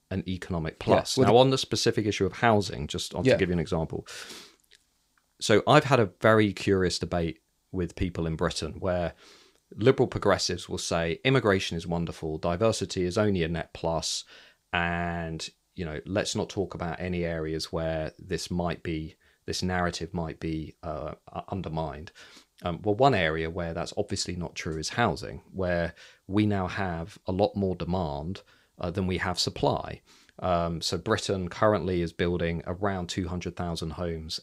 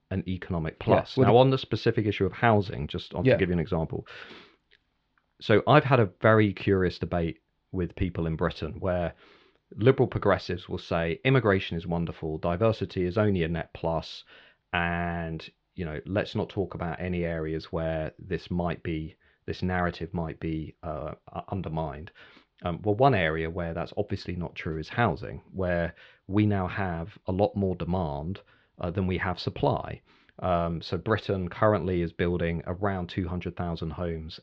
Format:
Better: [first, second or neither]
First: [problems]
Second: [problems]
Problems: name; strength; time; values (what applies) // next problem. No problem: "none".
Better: first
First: none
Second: muffled; slightly; fading above 3.5 kHz